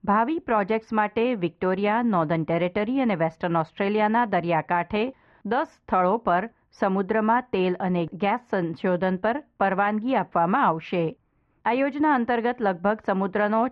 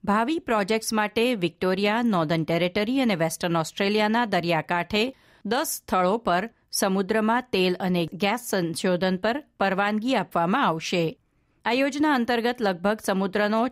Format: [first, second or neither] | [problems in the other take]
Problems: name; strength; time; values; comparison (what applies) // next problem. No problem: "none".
second | muffled; very; fading above 2 kHz